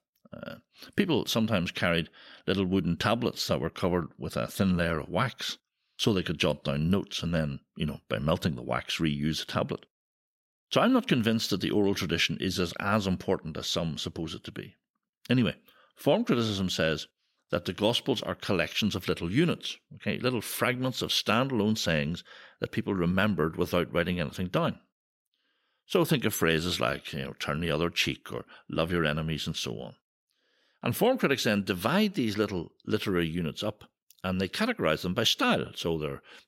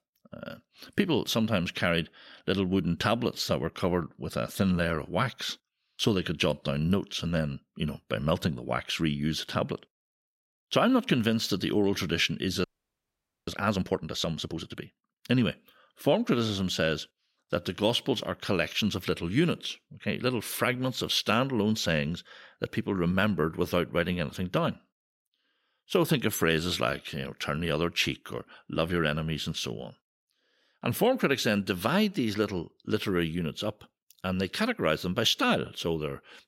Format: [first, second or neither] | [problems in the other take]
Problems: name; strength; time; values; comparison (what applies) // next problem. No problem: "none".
first | audio freezing; at 13 s for 1 s